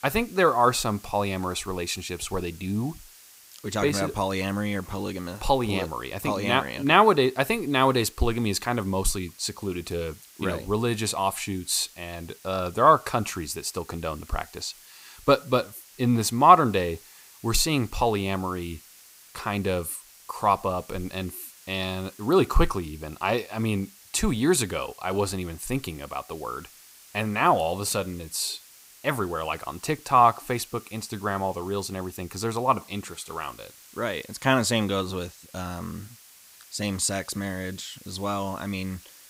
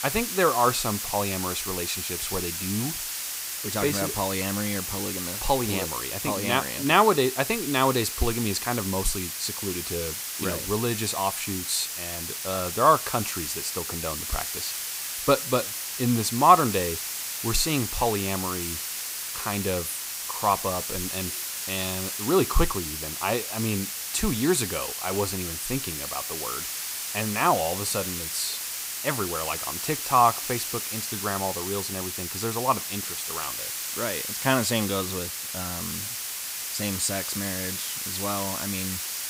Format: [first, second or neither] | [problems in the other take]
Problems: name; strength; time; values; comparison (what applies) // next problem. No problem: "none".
first | hiss; loud; throughout; 3 dB below the speech; faint in the first